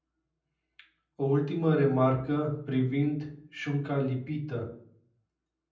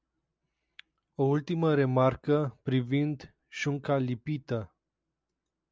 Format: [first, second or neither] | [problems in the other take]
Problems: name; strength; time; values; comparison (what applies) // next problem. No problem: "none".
second | room echo; dies away in 0.6 s